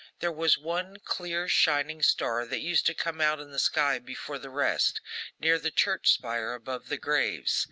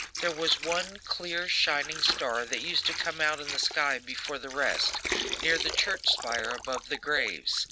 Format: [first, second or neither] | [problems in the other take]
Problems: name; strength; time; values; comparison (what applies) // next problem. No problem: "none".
first | background sound (Water); 7 dB below the speech